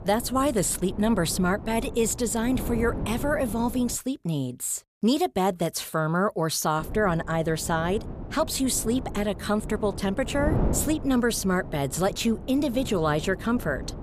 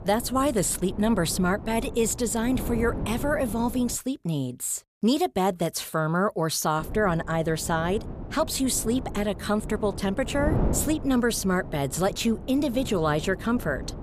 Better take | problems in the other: neither | wind noise on the microphone; occasional gusts; until 4 s and from 7 s on; 15 dB below the speech; the same in both

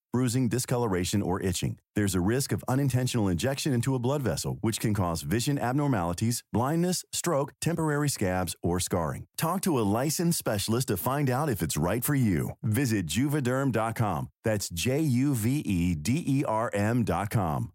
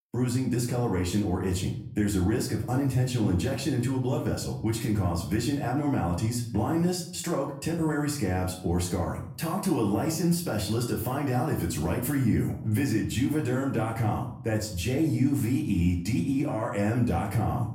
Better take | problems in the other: first | off-mic speech; far // room echo; slight; dies away in 0.5 s

